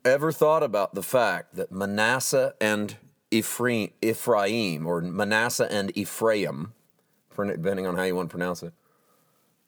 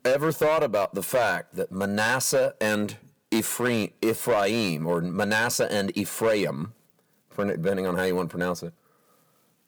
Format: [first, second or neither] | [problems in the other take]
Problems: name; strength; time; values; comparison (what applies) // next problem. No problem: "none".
first | distortion; slight; 5% of the sound clipped